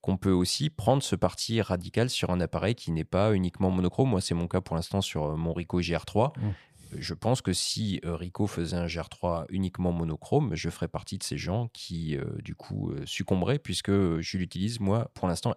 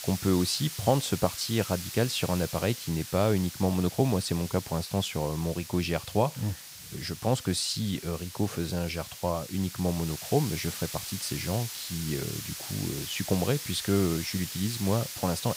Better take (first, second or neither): first